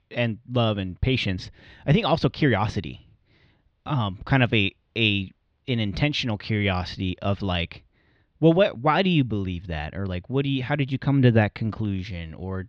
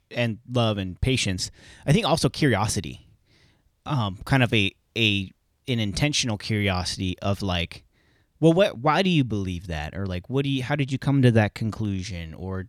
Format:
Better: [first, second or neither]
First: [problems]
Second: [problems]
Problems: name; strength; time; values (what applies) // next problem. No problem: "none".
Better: second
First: muffled; slightly; fading above 4 kHz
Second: none